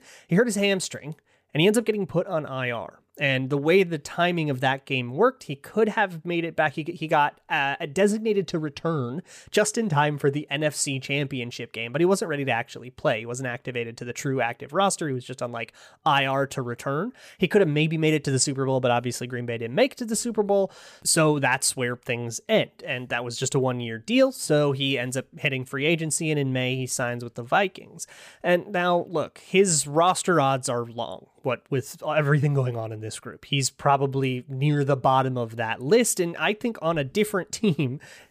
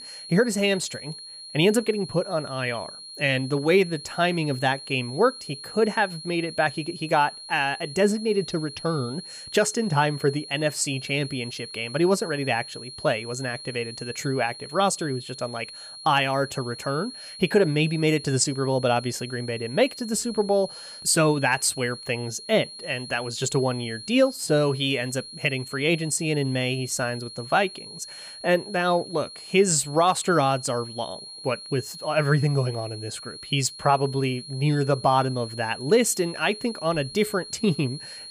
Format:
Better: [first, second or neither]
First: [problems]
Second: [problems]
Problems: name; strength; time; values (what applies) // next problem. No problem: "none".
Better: first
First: none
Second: high-pitched whine; noticeable; throughout; 4.5 kHz, 15 dB below the speech